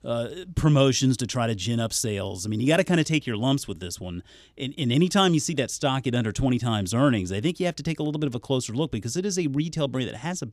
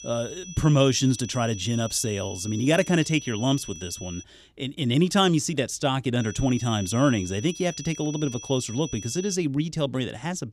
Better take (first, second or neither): first